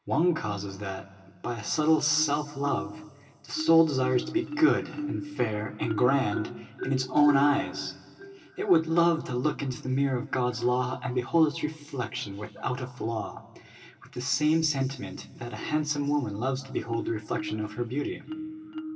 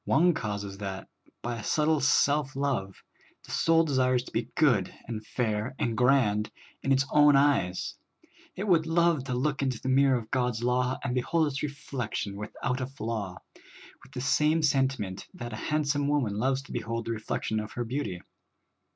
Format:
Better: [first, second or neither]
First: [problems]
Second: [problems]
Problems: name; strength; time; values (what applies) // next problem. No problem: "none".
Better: second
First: background sound (Marimba, xylophone); 13 dB below the speech // room echo; dies away in 2.6 s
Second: none